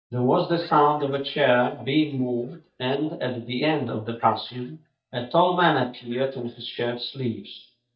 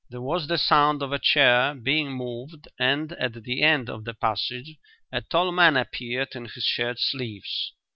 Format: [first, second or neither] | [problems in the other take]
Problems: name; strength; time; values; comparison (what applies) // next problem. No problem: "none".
second | noise reduction (neural mask model DeepFilterNet 3)